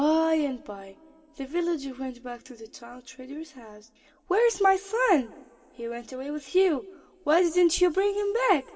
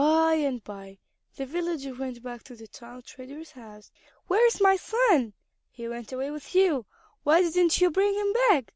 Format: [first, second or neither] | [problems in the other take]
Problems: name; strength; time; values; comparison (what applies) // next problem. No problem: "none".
second | room echo; dies away in 1.9 s